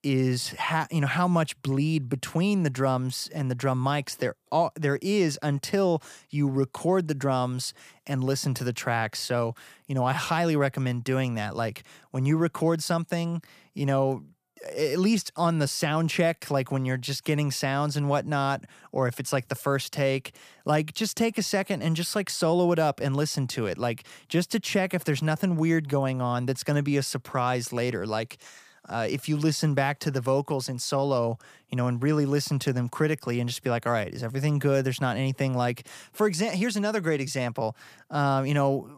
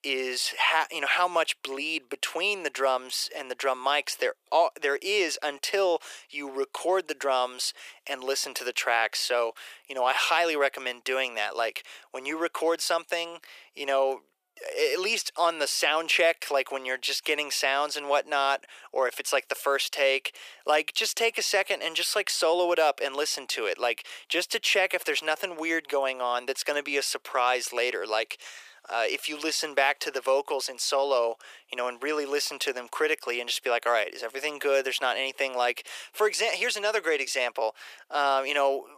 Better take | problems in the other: first | thin; very; fading below 400 Hz

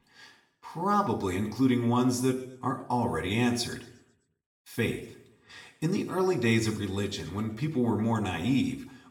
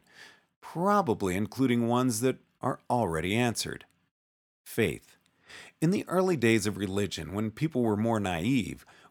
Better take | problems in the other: second | room echo; slight; dies away in 0.7 s // off-mic speech; far

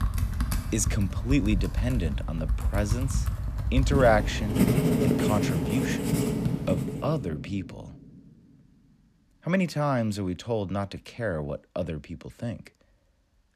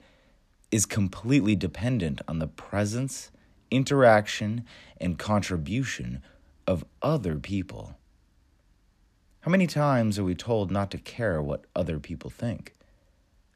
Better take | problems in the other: second | household noises; very loud; until 6.5 s; 1 dB above the speech

